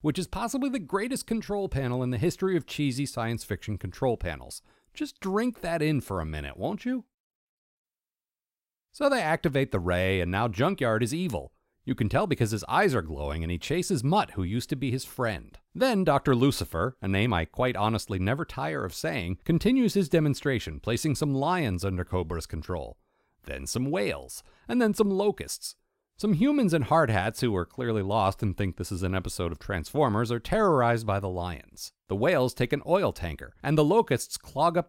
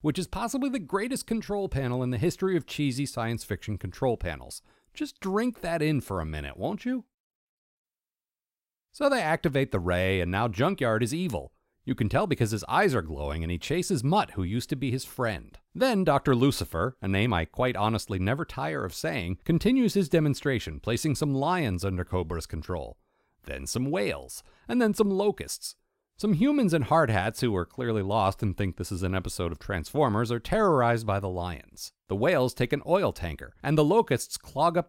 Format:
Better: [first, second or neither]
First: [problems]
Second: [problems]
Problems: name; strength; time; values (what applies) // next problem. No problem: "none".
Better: neither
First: none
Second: none